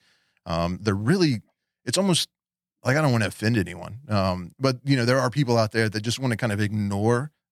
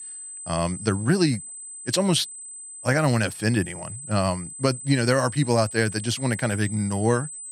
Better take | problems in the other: first | high-pitched whine; noticeable; throughout; 8 kHz, 10 dB below the speech

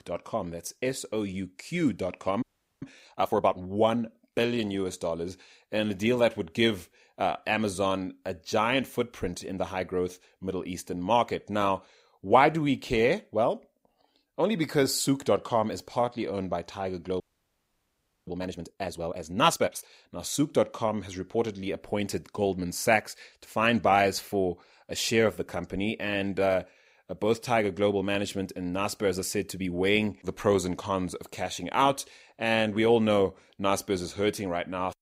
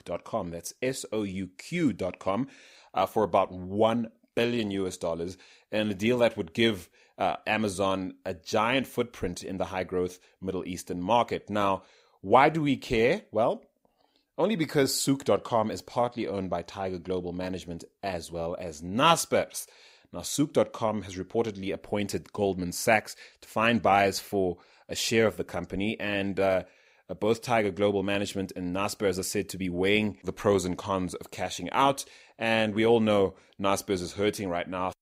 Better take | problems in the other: second | audio freezing; at 2.5 s and at 17 s for 1 s

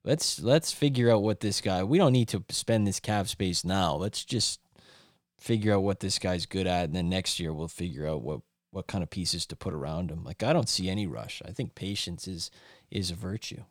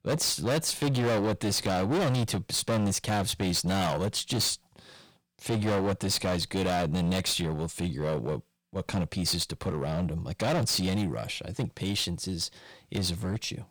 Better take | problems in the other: first | distortion; heavy; 17% of the sound clipped

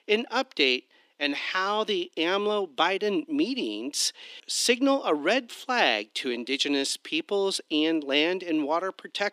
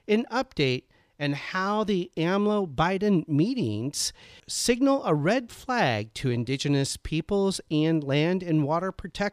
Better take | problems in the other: second | thin; very slightly; fading below 250 Hz

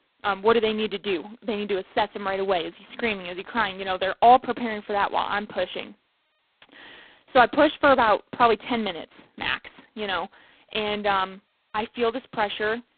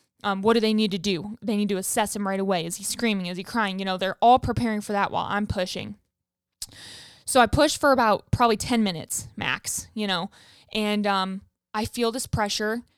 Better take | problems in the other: second | phone-call audio; poor line; nothing above 4 kHz

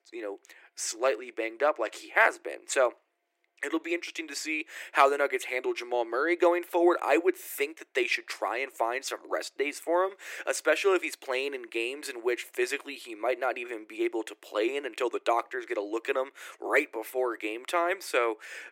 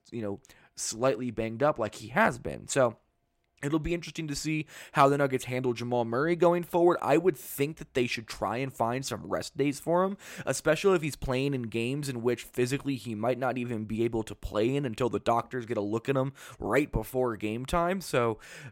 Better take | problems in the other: second | thin; very; fading below 350 Hz

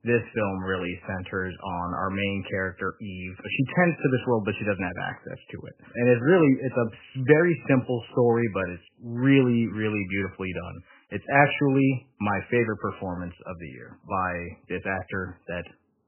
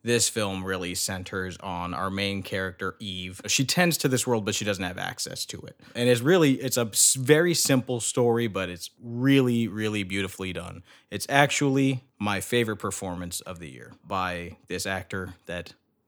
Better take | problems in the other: second | garbled, watery; badly; nothing above 3 kHz

